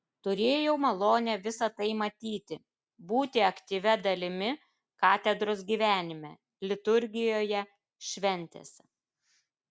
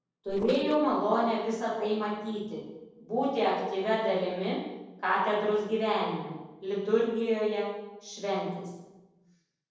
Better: first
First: none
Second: noise reduction (neural separator model SepFormer DNS4)

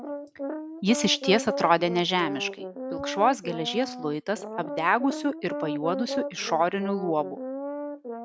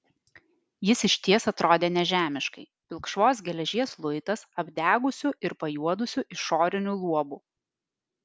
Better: second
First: background sound (Brass instrument); 7 dB below the speech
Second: none

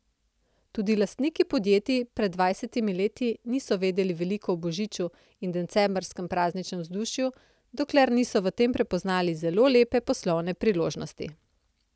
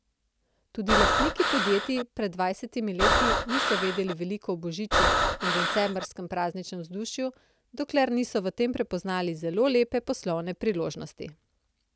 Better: first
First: none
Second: background sound (Breathing); 4 dB above the speech

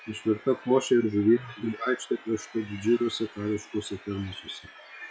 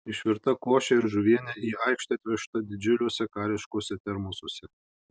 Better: second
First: noise reduction (classical method log-MMSE)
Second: none

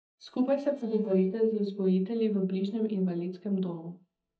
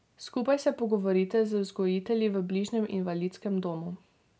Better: second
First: noise reduction (neural mask model DeepFilterNet 3)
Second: none

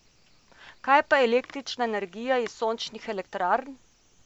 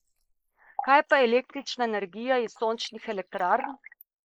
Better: first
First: none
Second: noise reduction (neural mask model Resemble Enhance denoiser)

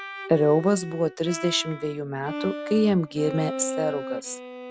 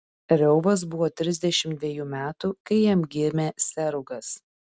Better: second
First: background sound (Bowed string instrument); 9 dB below the speech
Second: none

